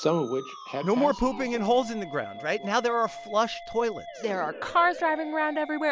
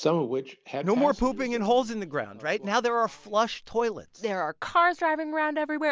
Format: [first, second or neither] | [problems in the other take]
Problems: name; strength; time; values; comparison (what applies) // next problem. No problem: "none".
second | background sound (Musical instrument); 14 dB below the speech